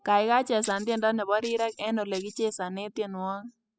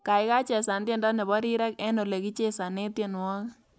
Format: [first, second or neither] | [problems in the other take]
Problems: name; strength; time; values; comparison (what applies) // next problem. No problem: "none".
second | noise reduction (classical method spectral subtraction)